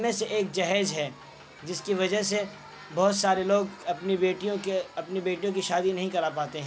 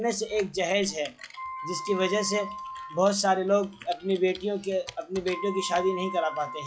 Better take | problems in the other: first | noise reduction (classical method log-MMSE)

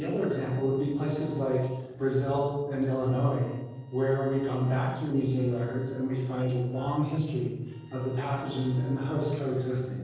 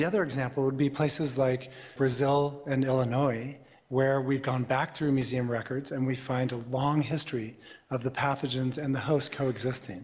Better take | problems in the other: second | noise reduction (neural separator model SepFormer DNS4)

